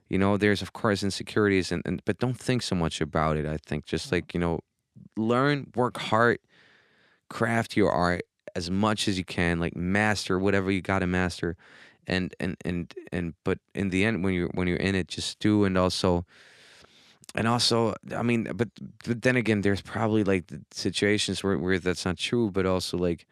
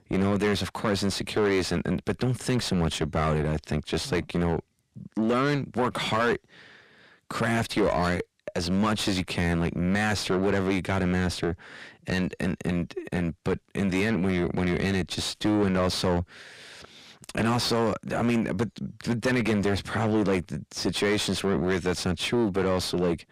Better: first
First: none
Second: distortion; heavy; 6 dB below the speech

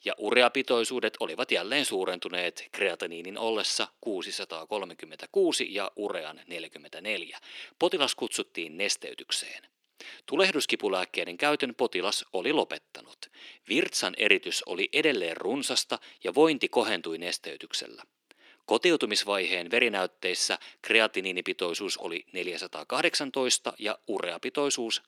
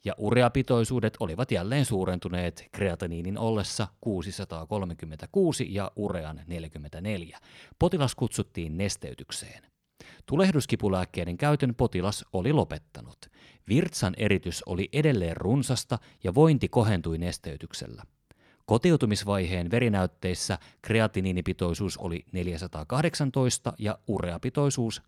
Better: second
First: thin; somewhat; fading below 300 Hz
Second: none

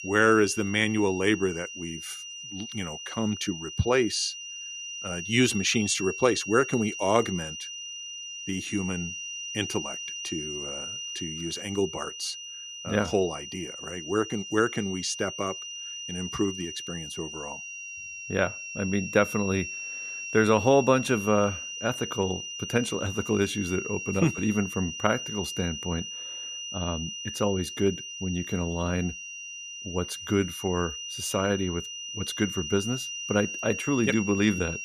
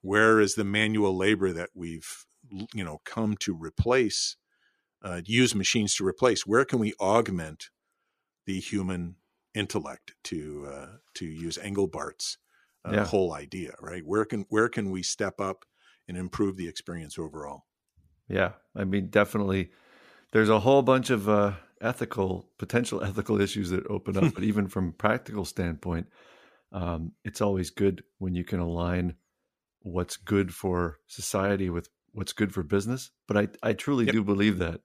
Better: second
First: high-pitched whine; loud; throughout; 3 kHz, 7 dB below the speech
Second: none

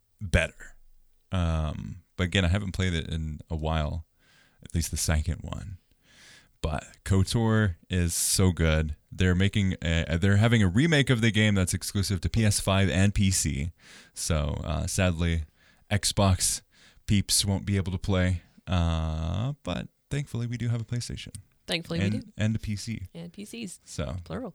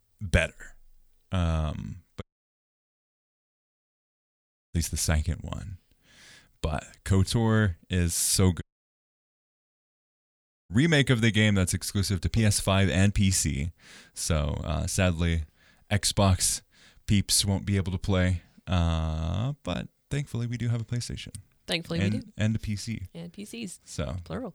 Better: first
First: none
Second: audio cutting out; at 2 s for 2.5 s and at 8.5 s for 2 s

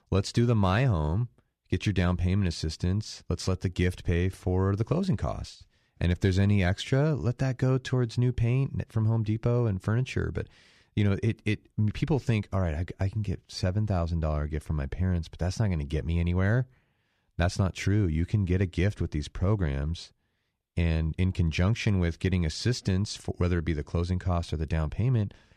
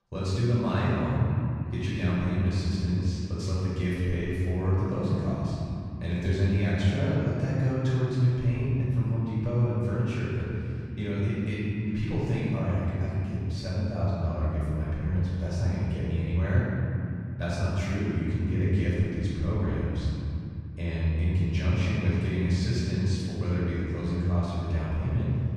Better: first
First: none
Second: room echo; strong; dies away in 2.6 s // off-mic speech; far

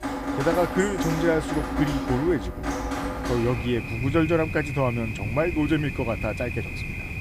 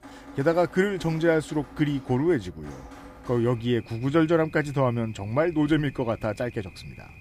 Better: second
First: rain or running water; loud; throughout; 4 dB below the speech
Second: rain or running water; faint; throughout; 20 dB below the speech

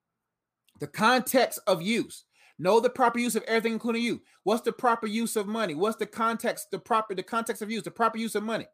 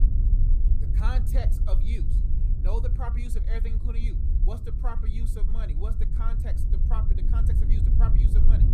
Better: first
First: none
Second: low rumble; loud; throughout; 3 dB below the speech

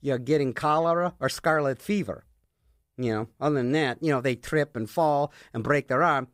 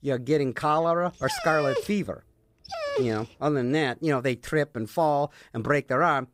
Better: first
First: none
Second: dog barking; noticeable; from 1 to 3 s; peak 3 dB below the speech

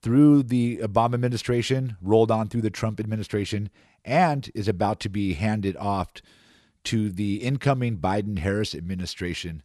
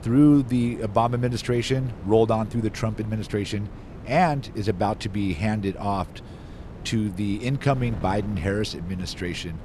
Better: first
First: none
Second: wind noise on the microphone; occasional gusts; 20 dB below the speech

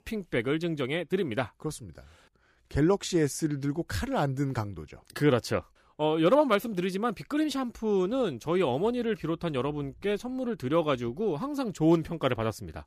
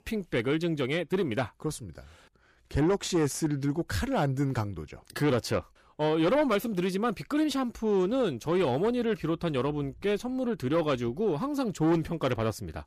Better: first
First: none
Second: distortion; slight; 10 dB below the speech

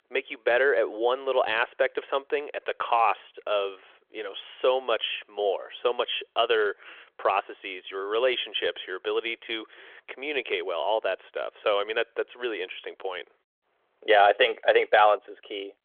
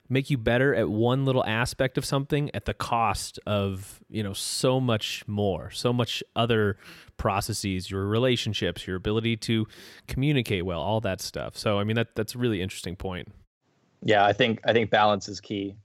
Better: second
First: phone-call audio; nothing above 3.5 kHz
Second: none

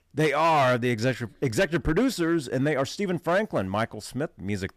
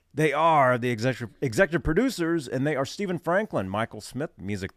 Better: second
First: distortion; slight; 6% of the sound clipped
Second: none

